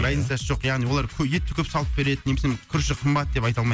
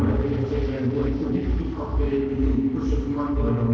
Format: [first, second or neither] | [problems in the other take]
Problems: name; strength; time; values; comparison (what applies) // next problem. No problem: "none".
first | noise reduction (neural separator model SepFormer DNS4)